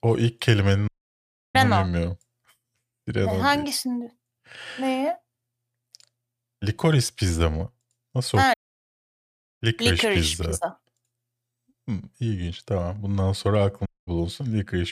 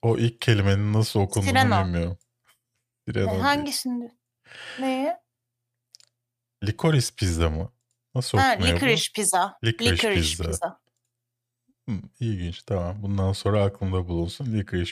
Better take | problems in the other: second | audio cutting out; at 1 s for 0.5 s, at 8.5 s for 1 s and at 14 s

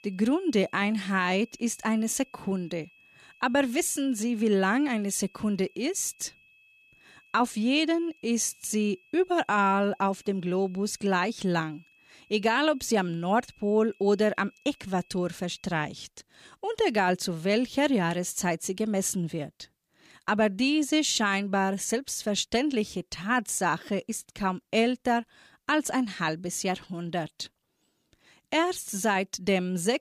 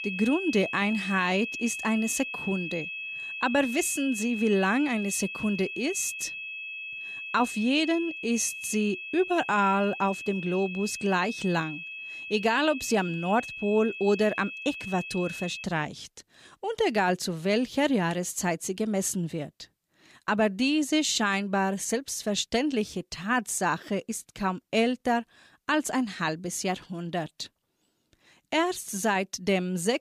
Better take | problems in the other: first | high-pitched whine; loud; until 16 s; 2.5 kHz, 7 dB below the speech; faint in the first

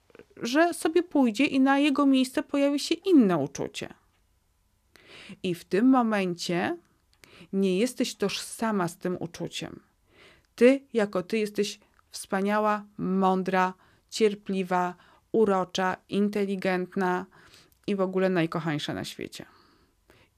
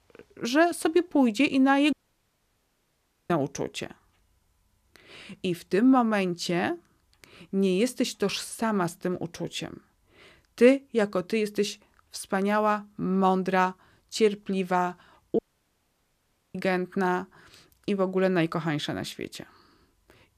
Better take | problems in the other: first | audio cutting out; at 2 s for 1.5 s and at 15 s for 1 s

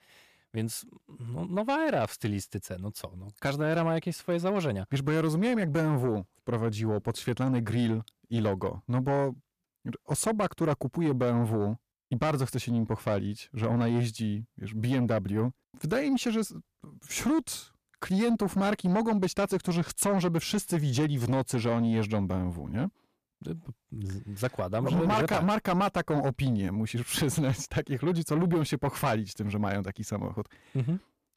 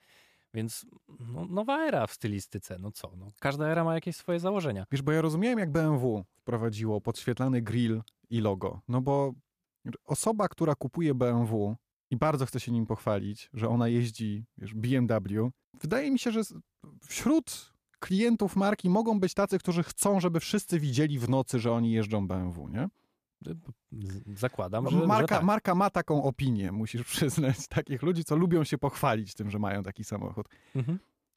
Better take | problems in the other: second | distortion; slight; 10 dB below the speech

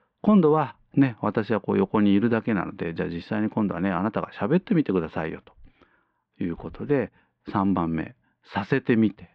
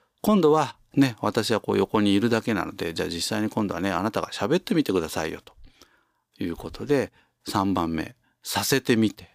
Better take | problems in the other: second | muffled; very; fading above 2.5 kHz

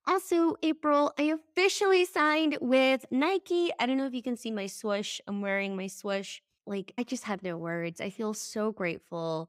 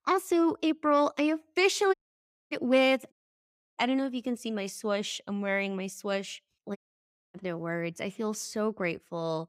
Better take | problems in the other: first | audio cutting out; at 2 s for 0.5 s, at 3 s for 0.5 s and at 7 s for 0.5 s

